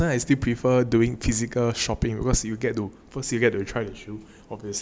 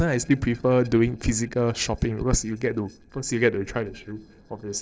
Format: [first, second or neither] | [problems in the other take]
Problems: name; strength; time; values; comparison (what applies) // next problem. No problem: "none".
first | noise reduction (neural separator model SepFormer DNS4)